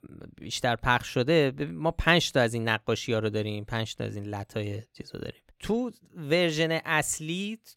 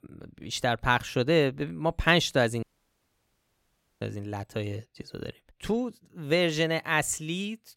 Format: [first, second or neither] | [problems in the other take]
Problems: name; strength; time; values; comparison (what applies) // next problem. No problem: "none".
first | audio cutting out; at 2.5 s for 1.5 s